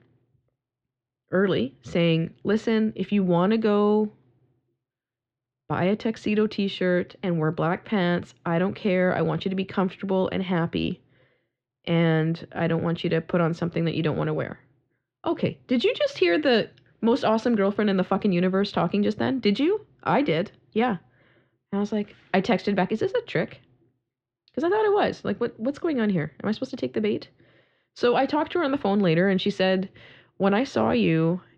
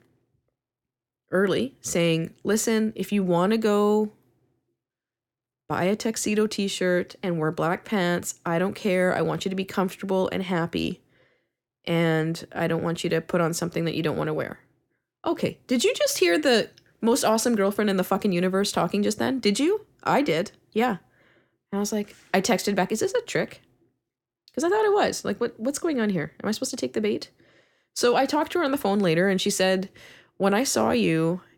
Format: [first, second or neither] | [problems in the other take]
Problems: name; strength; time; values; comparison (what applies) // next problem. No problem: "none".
second | muffled; slightly; fading above 3.5 kHz